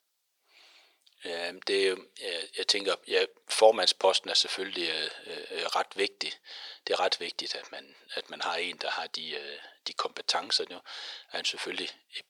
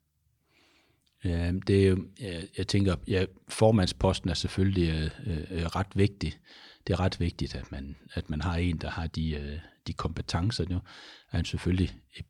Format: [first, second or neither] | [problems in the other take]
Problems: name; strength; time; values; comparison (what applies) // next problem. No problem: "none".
second | thin; very; fading below 500 Hz